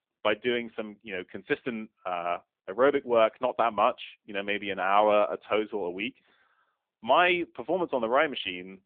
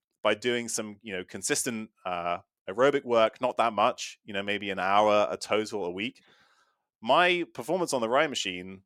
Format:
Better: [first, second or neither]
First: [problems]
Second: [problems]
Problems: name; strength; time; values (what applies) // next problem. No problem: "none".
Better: second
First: phone-call audio; poor line; nothing above 3 kHz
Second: none